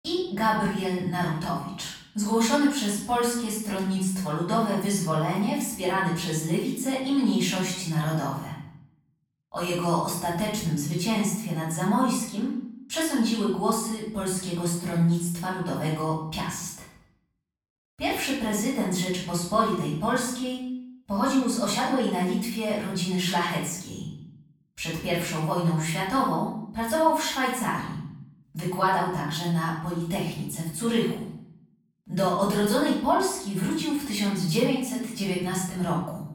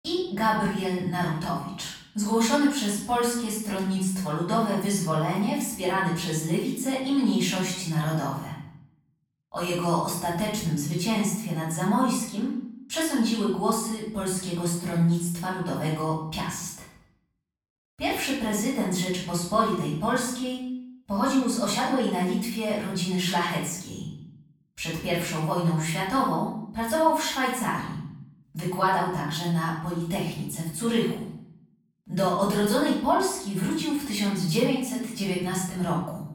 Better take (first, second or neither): neither